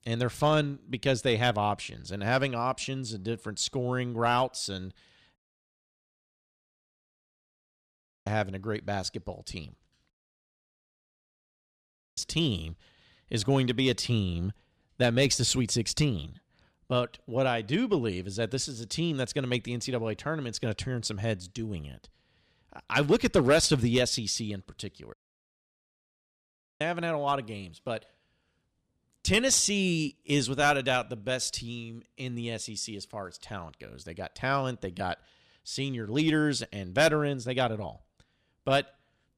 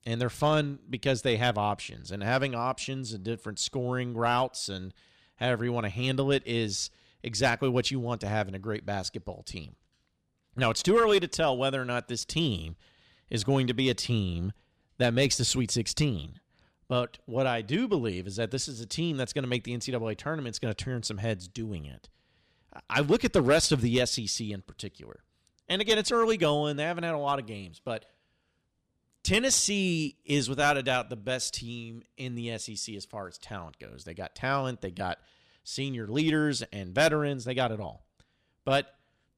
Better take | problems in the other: second | audio cutting out; at 5.5 s for 3 s, at 10 s for 2 s and at 25 s for 1.5 s

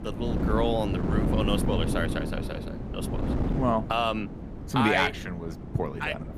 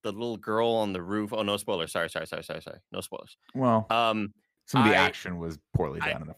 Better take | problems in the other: second | wind noise on the microphone; heavy; 9 dB below the speech

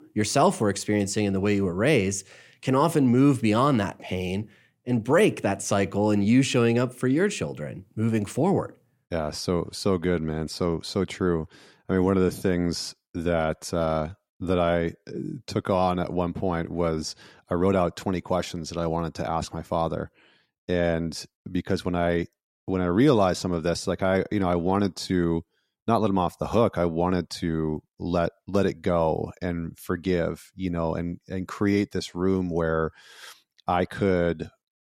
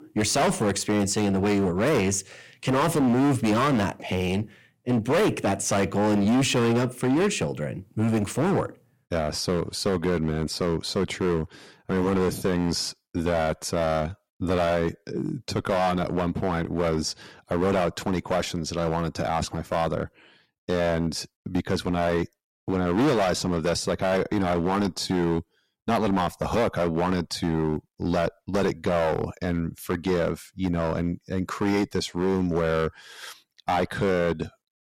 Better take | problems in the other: first | distortion; heavy; 12% of the sound clipped

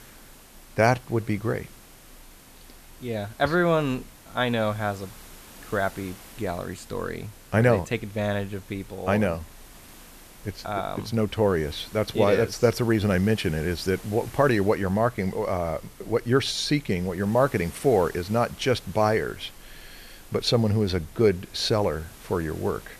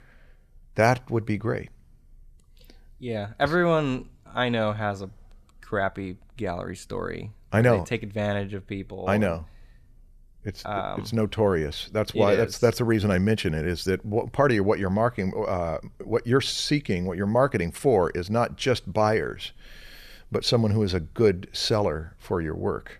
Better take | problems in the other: second | hiss; faint; throughout; 20 dB below the speech

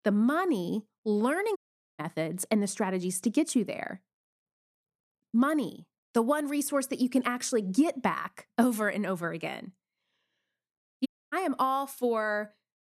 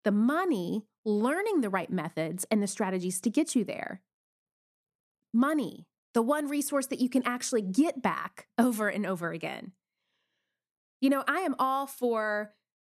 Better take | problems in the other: second | audio cutting out; at 1.5 s and at 11 s

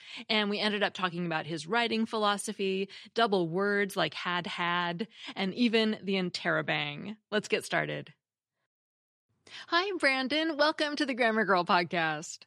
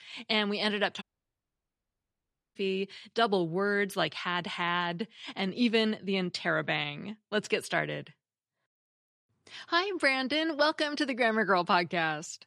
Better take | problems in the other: first | audio cutting out; at 1 s for 1.5 s

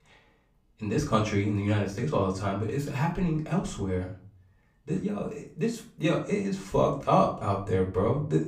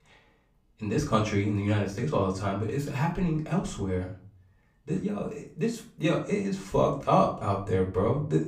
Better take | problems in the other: neither | off-mic speech; far; the same in both // room echo; slight; dies away in 0.3 s; the same in both

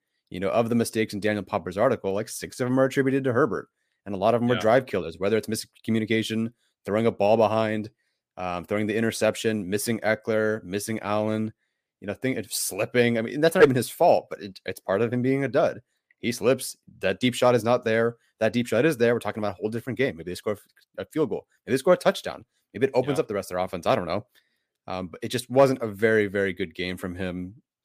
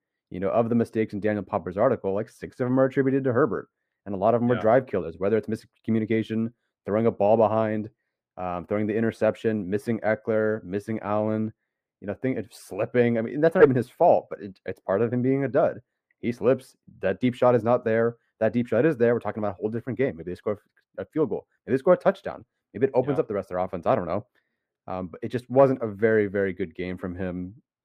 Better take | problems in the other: first | muffled; very; fading above 2.5 kHz

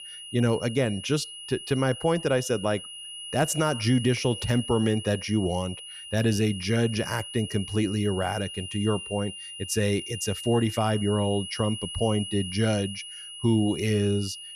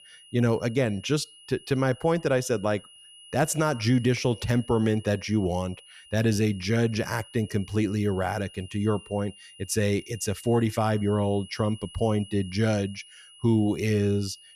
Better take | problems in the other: second | high-pitched whine; loud; throughout; 3 kHz, 10 dB below the speech; faint in the second

